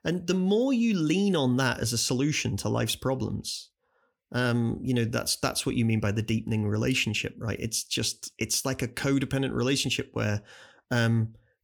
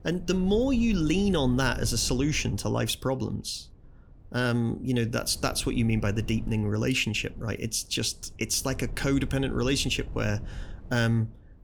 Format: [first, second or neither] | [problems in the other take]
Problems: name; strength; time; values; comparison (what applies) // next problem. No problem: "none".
first | wind noise on the microphone; occasional gusts; 20 dB below the speech